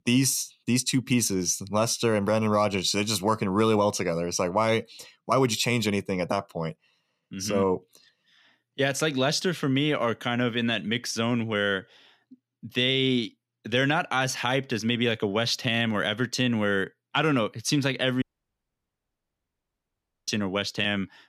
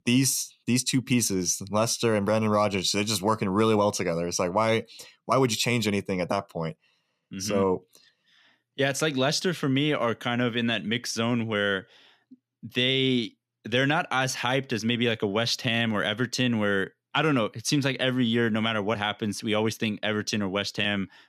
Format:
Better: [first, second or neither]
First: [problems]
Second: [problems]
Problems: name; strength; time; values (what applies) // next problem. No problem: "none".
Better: second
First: audio cutting out; at 18 s for 2 s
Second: none